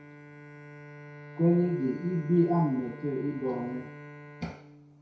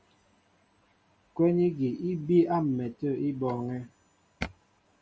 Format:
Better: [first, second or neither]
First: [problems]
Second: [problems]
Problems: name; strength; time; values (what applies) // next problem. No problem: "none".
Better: second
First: background sound (Bowed string instrument); 15 dB below the speech // room echo; dies away in 0.6 s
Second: none